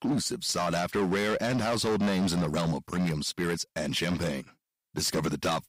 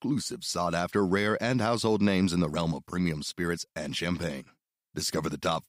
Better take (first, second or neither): second